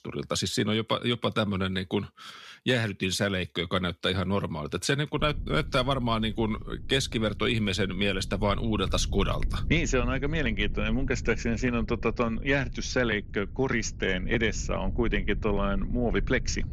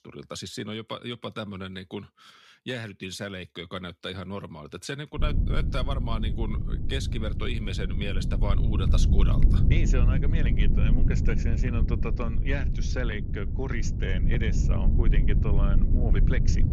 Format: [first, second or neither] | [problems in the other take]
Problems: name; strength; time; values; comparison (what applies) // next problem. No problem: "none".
first | low rumble; loud; from 5 s on; 5 dB below the speech; faint in the first